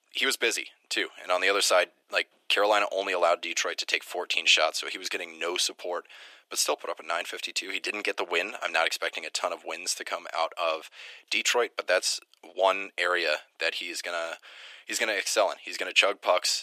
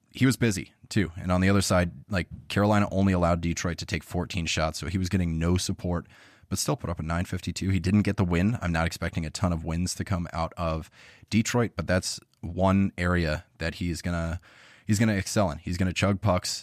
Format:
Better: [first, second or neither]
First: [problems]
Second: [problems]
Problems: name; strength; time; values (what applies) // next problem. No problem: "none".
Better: second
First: thin; very; fading below 400 Hz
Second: none